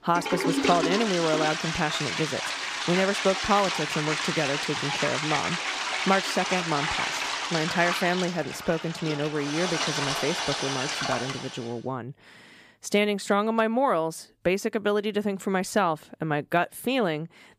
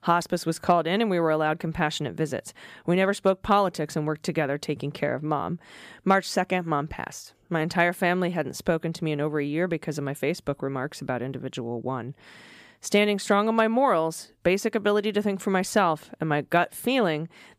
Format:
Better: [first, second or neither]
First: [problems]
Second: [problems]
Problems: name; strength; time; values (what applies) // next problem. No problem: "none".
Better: second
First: household noises; loud; until 11 s; 1 dB below the speech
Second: none